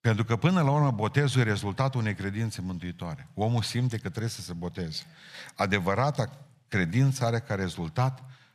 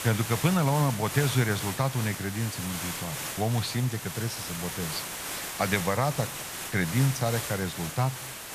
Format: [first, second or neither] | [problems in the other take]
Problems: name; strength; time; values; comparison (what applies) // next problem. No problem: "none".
first | hiss; loud; throughout; 5 dB below the speech